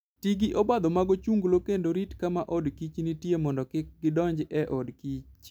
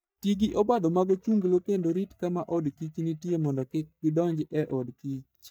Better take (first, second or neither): first